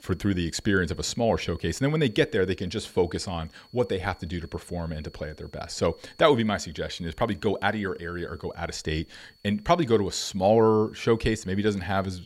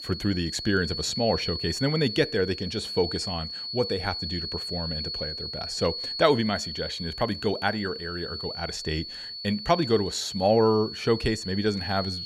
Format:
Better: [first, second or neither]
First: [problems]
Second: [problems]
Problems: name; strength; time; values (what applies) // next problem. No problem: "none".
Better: first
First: high-pitched whine; faint; throughout; 4.5 kHz, 30 dB below the speech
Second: high-pitched whine; loud; throughout; 4.5 kHz, 5 dB below the speech